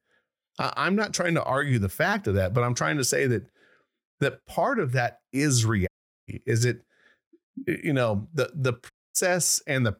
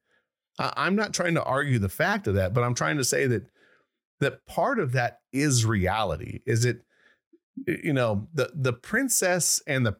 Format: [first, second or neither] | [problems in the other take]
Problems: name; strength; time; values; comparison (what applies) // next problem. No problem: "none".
second | audio cutting out; at 6 s and at 9 s